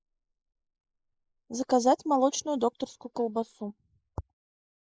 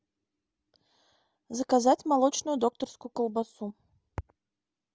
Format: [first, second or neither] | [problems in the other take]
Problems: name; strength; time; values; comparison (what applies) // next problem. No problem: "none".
second | noise reduction (neural mask model Resemble Enhance denoiser)